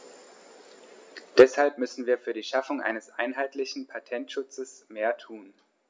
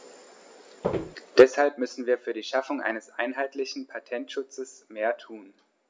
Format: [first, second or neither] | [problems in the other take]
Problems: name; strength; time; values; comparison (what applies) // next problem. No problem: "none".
first | background sound (Walk, footsteps); 1 dB below the speech